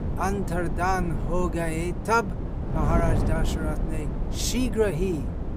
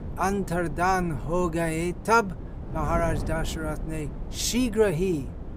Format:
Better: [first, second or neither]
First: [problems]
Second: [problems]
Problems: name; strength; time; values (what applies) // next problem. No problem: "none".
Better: second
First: wind noise on the microphone; heavy; 9 dB below the speech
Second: wind noise on the microphone; occasional gusts; 15 dB below the speech